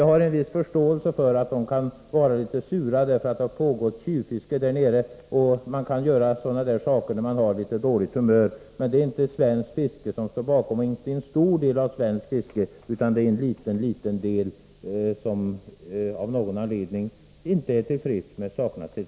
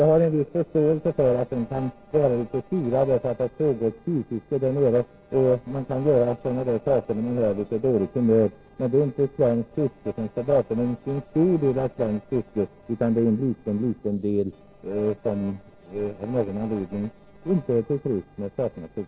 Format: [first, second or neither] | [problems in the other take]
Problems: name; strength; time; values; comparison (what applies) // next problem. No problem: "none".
first | noise reduction (neural separator model SepFormer DNS4)